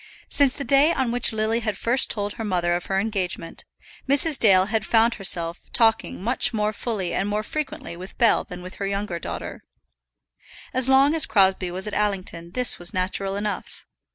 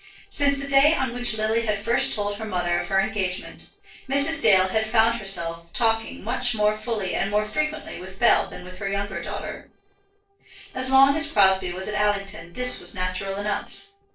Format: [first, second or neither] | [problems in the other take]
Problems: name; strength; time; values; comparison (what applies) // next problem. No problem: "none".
first | noise reduction (neural separator model SepFormer DNS4)